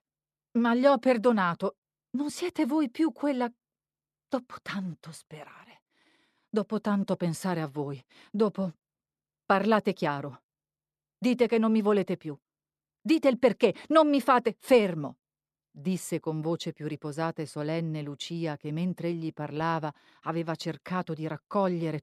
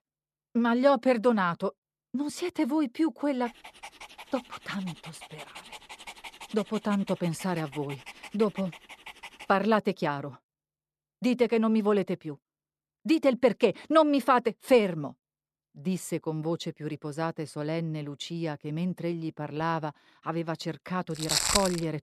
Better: first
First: none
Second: dog barking; faint; from 3.5 to 9.5 s; peak 15 dB below the speech // footsteps; loud; at 21 s; peak 4 dB above the speech

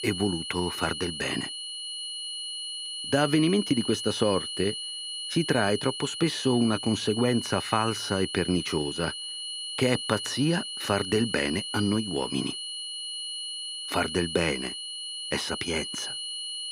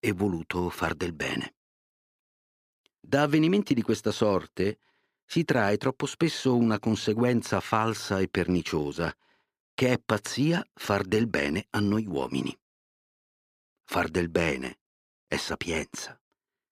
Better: second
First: high-pitched whine; loud; throughout; 3 kHz, 5 dB below the speech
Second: none

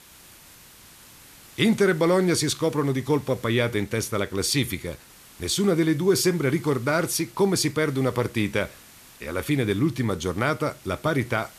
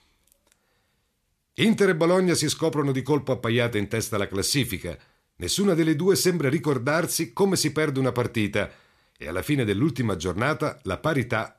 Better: second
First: hiss; faint; throughout; 25 dB below the speech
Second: none

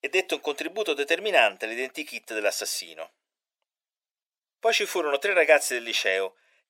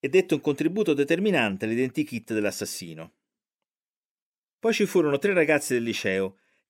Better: second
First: thin; very; fading below 550 Hz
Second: none

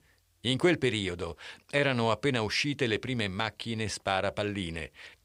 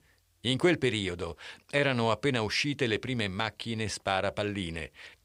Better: neither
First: none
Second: none

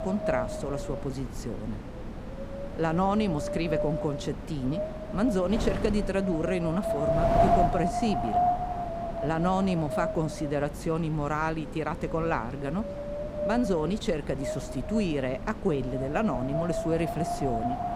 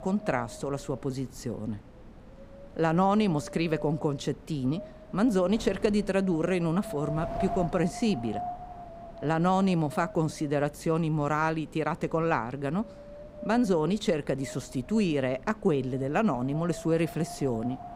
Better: second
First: wind noise on the microphone; heavy; 1 dB above the speech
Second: wind noise on the microphone; occasional gusts; 10 dB below the speech

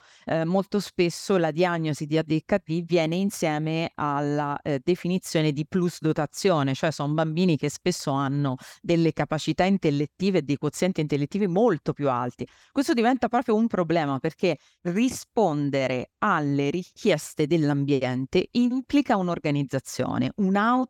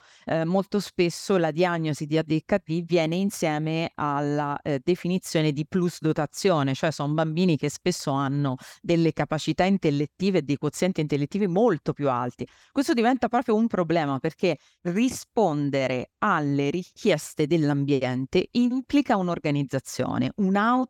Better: neither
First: none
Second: none

